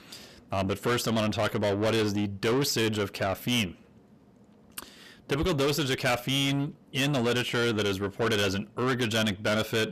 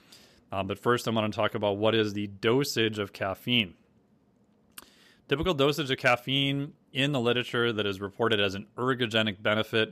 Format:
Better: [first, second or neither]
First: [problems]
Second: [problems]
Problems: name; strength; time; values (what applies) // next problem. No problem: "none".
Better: second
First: distortion; heavy; 6 dB below the speech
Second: none